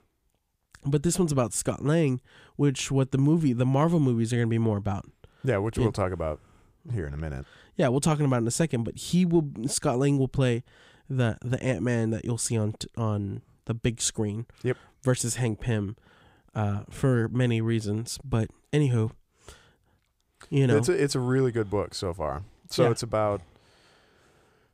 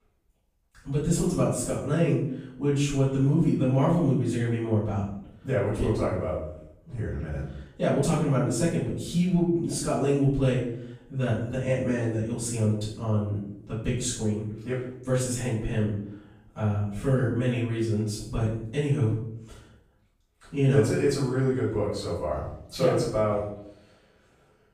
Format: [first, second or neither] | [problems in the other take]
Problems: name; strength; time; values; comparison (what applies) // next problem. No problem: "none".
first | off-mic speech; far // room echo; noticeable; dies away in 0.6 s